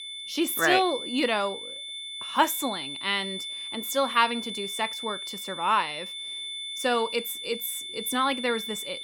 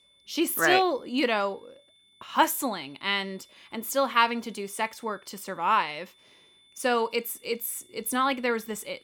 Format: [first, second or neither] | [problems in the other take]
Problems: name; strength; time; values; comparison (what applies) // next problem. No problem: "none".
second | high-pitched whine; loud; throughout; 3.5 kHz, 6 dB below the speech; faint in the second